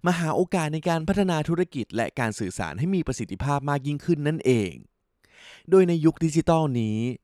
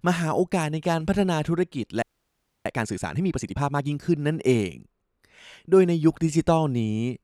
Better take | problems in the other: first | audio freezing; at 2 s for 0.5 s

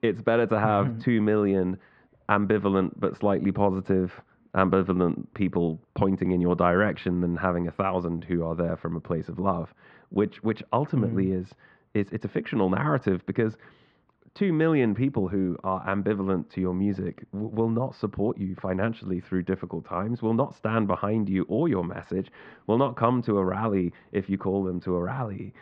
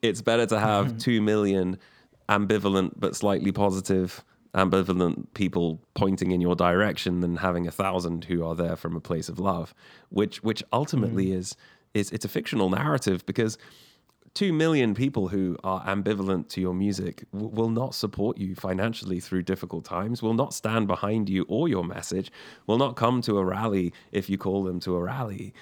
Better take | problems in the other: second | muffled; very; fading above 2 kHz

